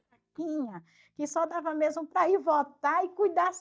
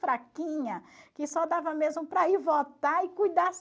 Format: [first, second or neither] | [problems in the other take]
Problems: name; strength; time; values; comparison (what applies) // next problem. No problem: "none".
second | noise reduction (neural mask model DeepFilterNet 3)